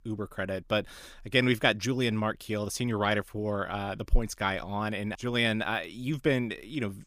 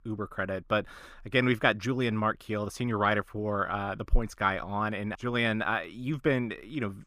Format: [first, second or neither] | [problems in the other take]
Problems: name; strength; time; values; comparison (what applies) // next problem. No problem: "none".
first | muffled; slightly; fading above 3.5 kHz